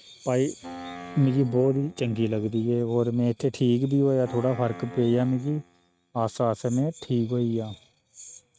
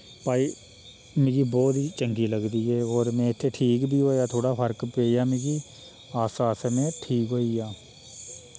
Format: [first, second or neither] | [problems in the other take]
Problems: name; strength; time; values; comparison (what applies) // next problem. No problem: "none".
second | noise reduction (neural mask model RNNoise)